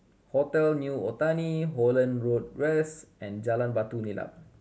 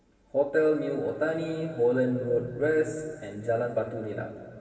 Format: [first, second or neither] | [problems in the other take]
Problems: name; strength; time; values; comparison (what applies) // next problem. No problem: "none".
first | room echo; dies away in 2.3 s